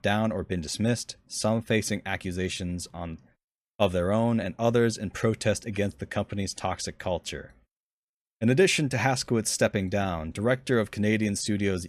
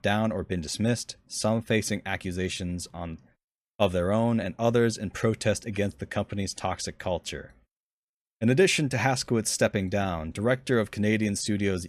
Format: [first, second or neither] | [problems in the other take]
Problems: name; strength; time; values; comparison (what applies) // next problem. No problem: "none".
neither | none